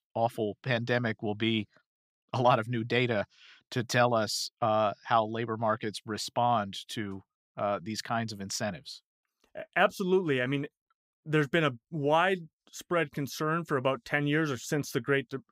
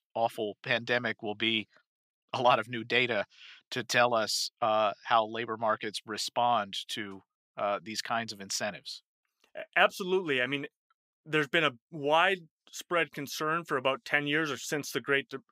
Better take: first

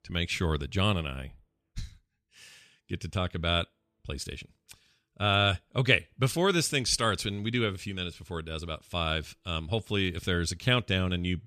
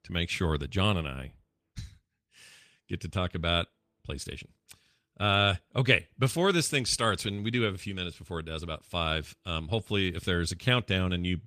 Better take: first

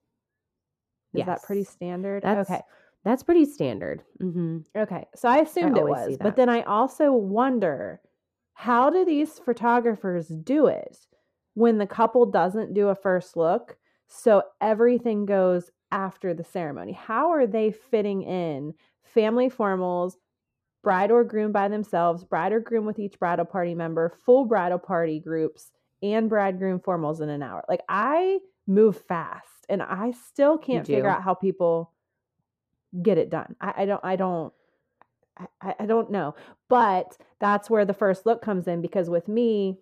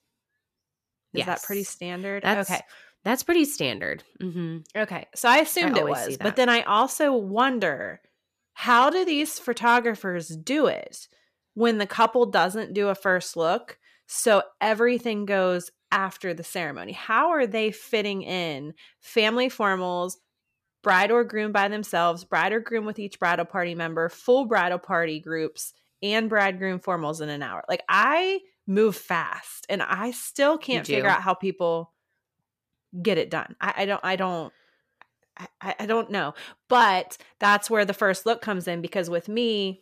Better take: second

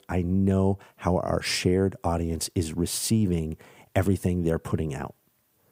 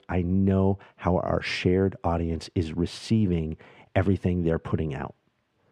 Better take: first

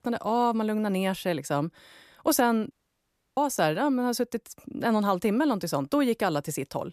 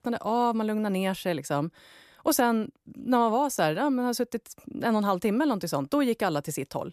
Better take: second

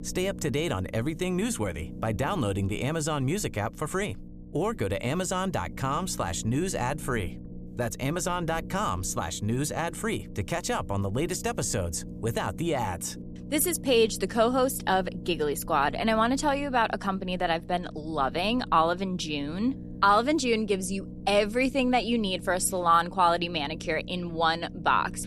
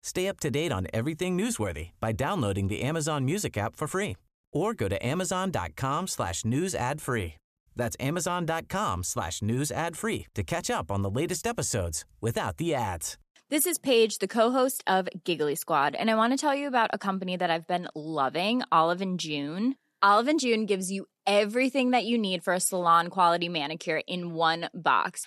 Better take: second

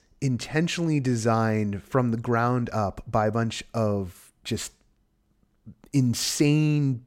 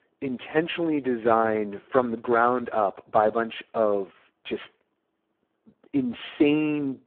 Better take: first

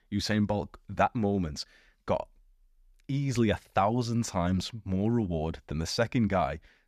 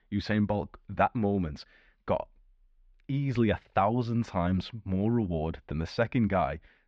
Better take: first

